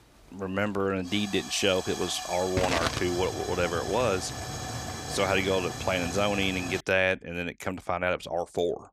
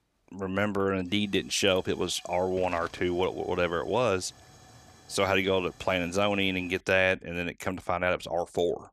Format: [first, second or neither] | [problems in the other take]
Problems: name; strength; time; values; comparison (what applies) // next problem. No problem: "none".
second | hiss; loud; until 7 s; 6 dB below the speech; faint in the second